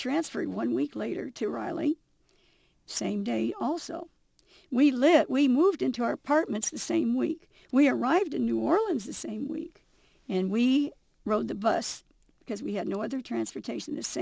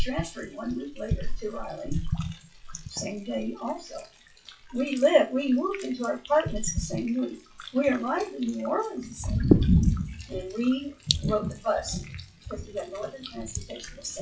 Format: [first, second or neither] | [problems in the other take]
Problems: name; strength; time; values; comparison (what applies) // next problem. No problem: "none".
first | noise reduction (classical method WPE with log-MMSE)